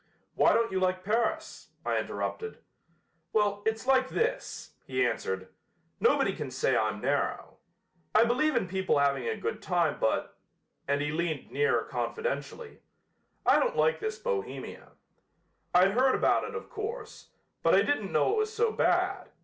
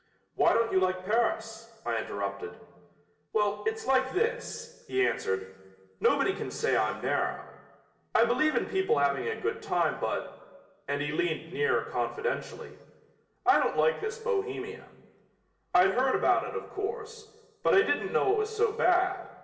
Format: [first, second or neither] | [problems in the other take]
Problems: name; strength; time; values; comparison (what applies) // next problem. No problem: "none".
first | room echo; dies away in 1.2 s